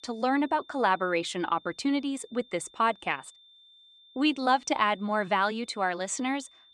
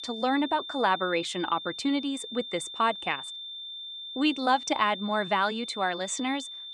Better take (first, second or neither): first